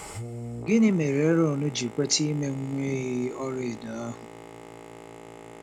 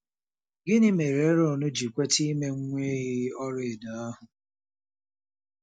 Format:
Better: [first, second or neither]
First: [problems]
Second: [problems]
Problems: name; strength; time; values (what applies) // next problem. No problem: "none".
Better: second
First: background sound (Boat, Water vehicle); 14 dB below the speech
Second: none